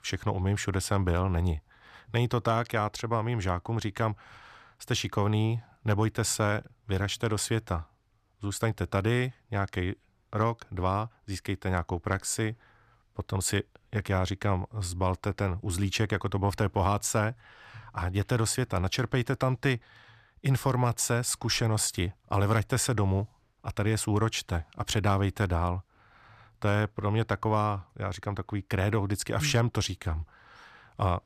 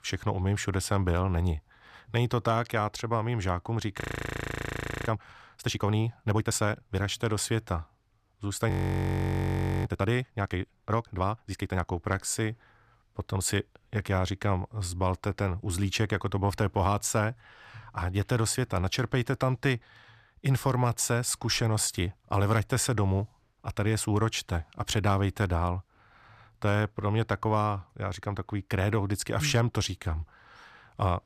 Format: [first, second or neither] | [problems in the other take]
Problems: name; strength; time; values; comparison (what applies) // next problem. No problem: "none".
first | audio freezing; at 4 s for 1 s and at 8.5 s for 1 s